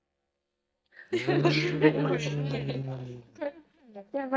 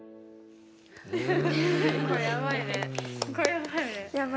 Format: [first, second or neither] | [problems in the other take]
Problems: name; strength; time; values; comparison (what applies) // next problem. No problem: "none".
second | noise reduction (neural mask model DeepFilterNet 3)